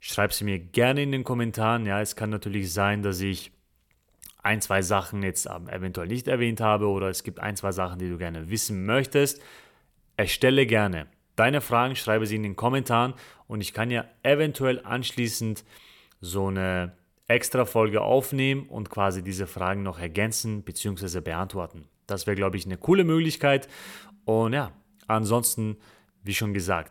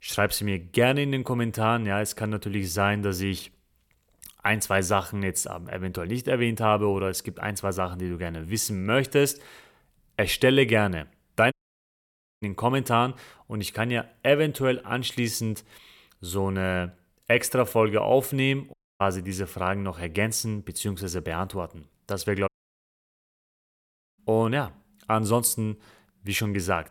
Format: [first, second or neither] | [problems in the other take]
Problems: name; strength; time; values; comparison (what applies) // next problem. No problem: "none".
first | audio cutting out; at 12 s for 1 s, at 19 s and at 22 s for 1.5 s